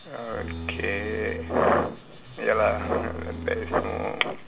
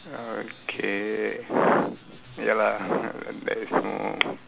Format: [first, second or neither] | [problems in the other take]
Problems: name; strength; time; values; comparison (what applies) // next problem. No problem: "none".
second | background sound (Bowed string instrument); 9 dB below the speech // room echo; dies away in 1 s